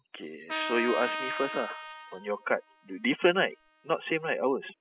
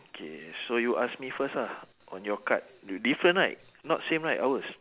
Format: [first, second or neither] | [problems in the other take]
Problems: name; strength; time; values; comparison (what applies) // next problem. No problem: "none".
second | noise reduction (classical method spectral subtraction)